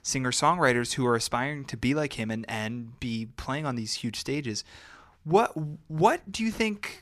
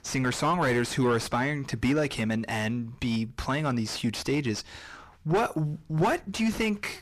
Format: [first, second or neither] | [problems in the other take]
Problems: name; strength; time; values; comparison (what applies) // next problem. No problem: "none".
first | distortion; heavy; 6 dB below the speech